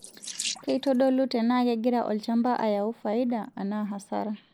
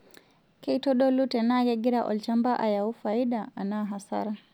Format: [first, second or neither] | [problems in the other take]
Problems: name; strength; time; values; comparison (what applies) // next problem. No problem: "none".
second | noise reduction (neural mask model Resemble Enhance denoiser)